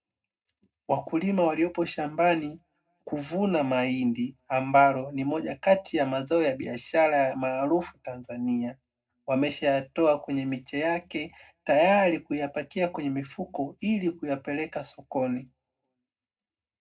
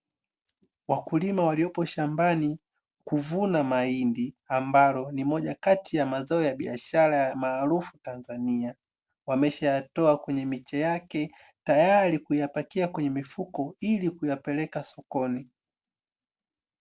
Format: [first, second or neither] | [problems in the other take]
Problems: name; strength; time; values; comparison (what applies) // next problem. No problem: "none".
second | room echo; dies away in 0.2 s